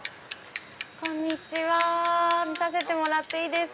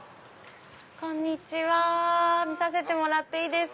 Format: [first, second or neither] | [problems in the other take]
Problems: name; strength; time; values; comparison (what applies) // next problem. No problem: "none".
second | background sound (Bicycle); 13 dB below the speech